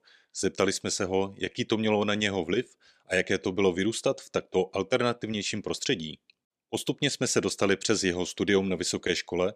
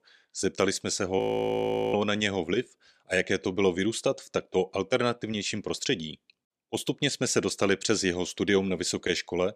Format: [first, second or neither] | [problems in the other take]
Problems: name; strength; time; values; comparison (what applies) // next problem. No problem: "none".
first | audio freezing; at 1 s for 1 s